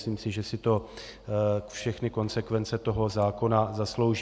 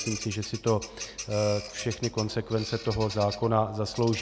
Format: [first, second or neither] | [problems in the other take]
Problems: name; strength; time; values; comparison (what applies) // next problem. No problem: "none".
first | background sound (Bird vocalization, bird call, bird song); 12 dB below the speech